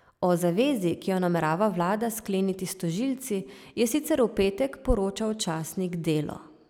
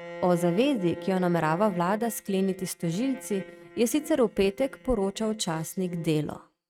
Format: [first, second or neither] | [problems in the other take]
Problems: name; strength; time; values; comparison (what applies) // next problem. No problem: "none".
first | noise reduction (neural mask model RNNoise)